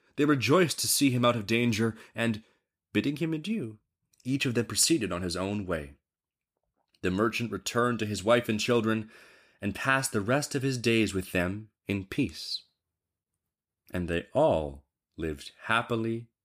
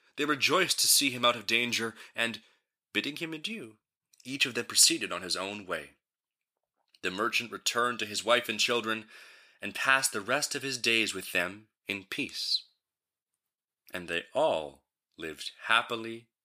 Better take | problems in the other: first | thin; somewhat; fading below 1 kHz

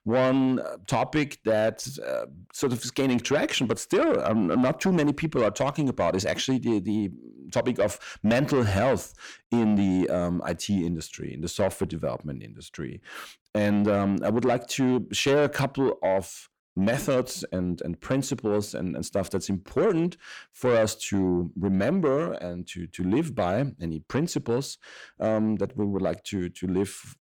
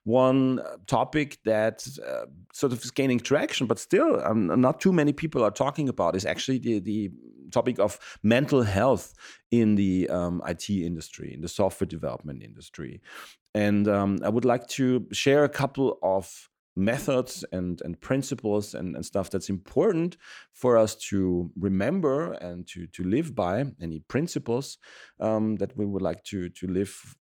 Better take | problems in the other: second | distortion; slight; 10 dB below the speech

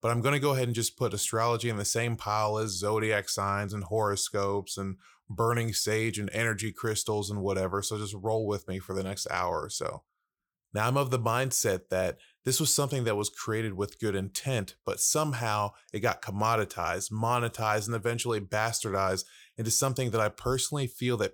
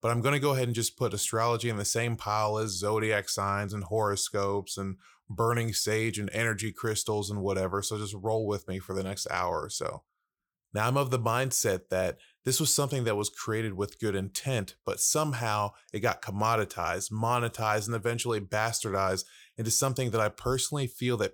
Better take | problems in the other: neither | none

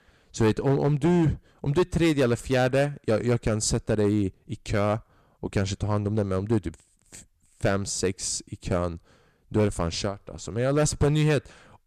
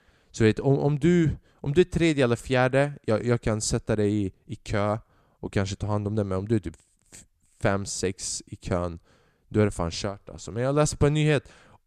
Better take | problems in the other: second | distortion; slight; 5% of the sound clipped

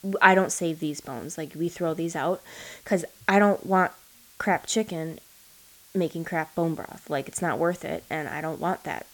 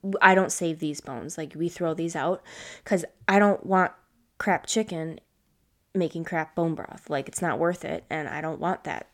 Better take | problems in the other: second | hiss; faint; throughout; 25 dB below the speech

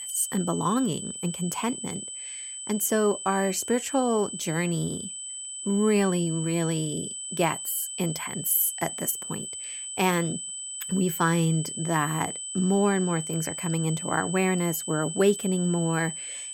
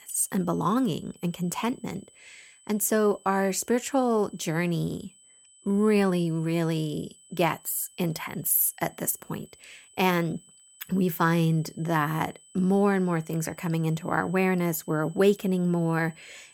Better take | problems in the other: second | high-pitched whine; loud; throughout; 8 kHz, 7 dB below the speech; faint in the second

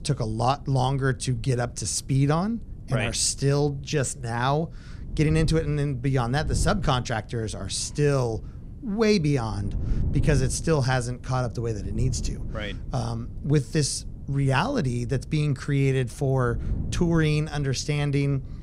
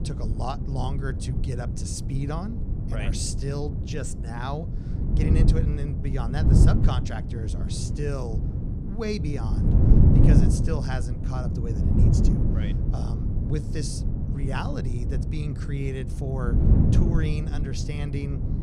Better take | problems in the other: first | wind noise on the microphone; heavy; 1 dB below the speech; occasional gusts in the first

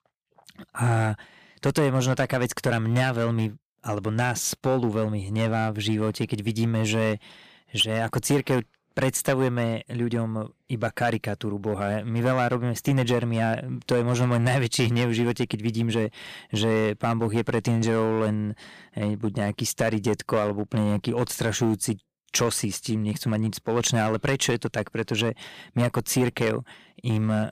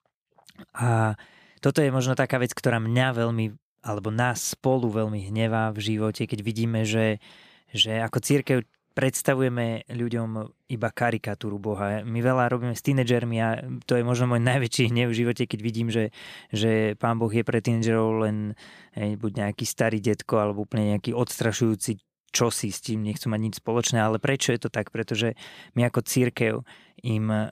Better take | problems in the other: second | distortion; slight; 4% of the sound clipped

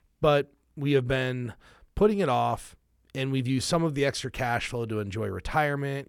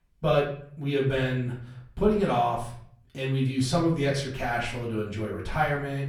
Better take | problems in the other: first | off-mic speech; far // room echo; slight; dies away in 0.5 s

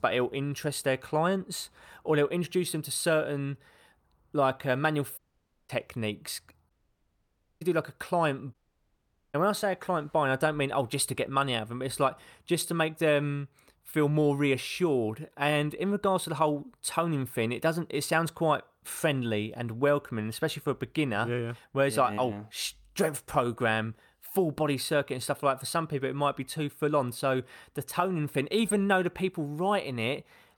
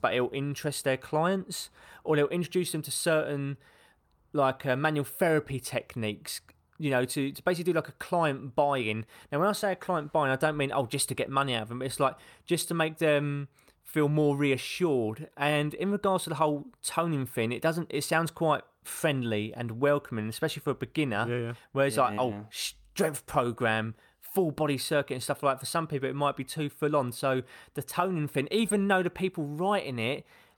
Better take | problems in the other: second | audio cutting out; at 5 s for 0.5 s, at 6.5 s for 1 s and at 8.5 s for 1 s

